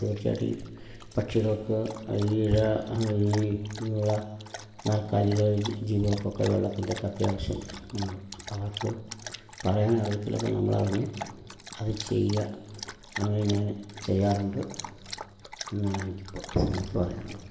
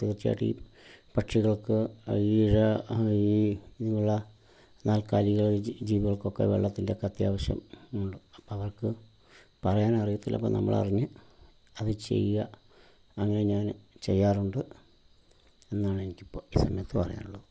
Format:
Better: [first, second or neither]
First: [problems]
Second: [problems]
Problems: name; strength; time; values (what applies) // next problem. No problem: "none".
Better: second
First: background sound (Dog); 15 dB below the speech // room echo; dies away in 2 s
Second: none